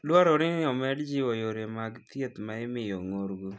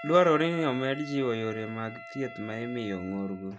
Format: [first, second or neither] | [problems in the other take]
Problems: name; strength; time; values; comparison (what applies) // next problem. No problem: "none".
first | background sound (Wind instrument, woodwind instrument); 14 dB below the speech